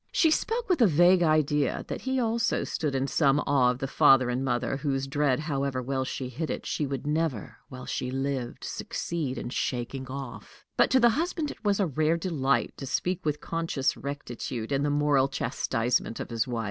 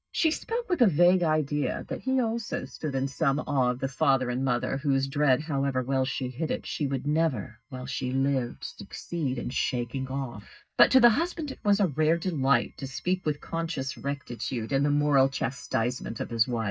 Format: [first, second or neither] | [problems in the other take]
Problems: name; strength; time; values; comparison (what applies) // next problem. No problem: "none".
first | noise reduction (neural mask model DeepFilterNet 3)